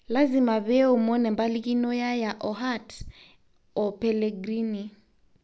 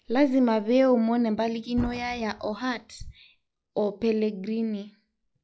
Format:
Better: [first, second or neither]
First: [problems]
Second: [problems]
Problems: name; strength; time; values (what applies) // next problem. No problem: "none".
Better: first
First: none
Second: noise reduction (classical method log-MMSE)